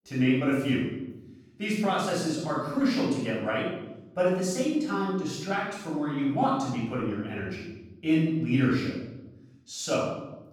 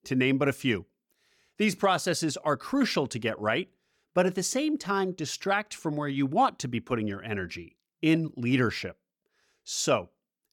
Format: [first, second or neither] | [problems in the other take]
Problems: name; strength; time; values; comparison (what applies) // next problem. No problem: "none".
second | off-mic speech; far // room echo; strong; dies away in 1 s